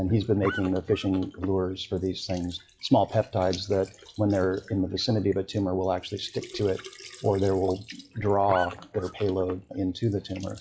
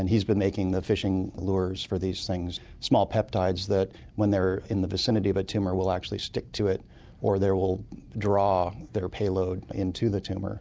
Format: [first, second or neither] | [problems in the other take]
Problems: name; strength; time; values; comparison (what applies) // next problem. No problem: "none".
second | noise reduction (classical method WPE with log-MMSE)